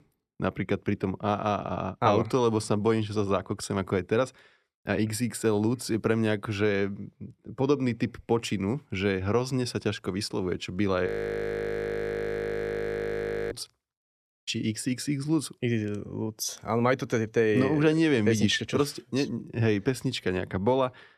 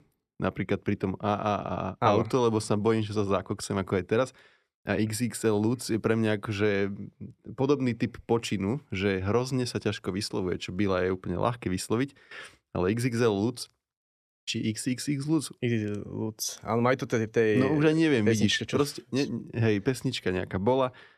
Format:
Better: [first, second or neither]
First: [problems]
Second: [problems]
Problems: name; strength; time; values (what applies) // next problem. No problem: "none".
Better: second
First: audio freezing; at 11 s for 2.5 s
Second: none